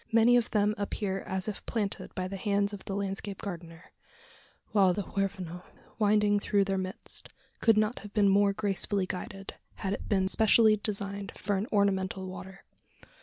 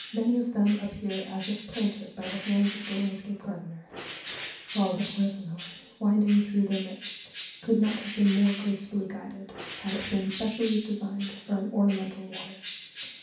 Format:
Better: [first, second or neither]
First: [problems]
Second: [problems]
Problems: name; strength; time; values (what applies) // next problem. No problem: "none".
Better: first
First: none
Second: background sound (Bird); 13 dB below the speech // room echo; dies away in 0.6 s